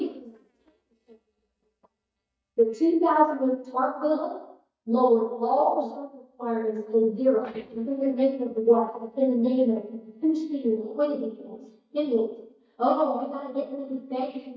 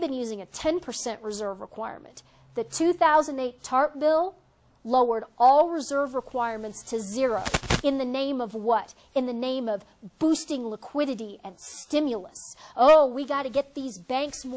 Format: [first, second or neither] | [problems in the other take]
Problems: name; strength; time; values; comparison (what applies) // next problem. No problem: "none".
second | noise reduction (neural mask model DeepFilterNet 3)